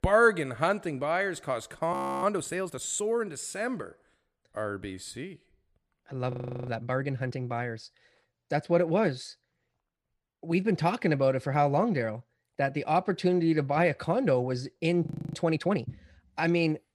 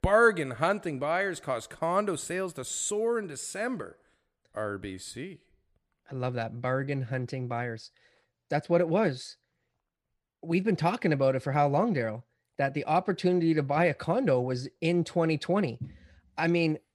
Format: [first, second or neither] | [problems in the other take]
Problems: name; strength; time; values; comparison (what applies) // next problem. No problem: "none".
second | audio freezing; at 2 s, at 6.5 s and at 15 s